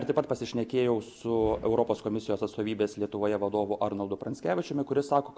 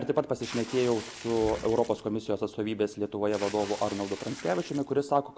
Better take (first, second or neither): first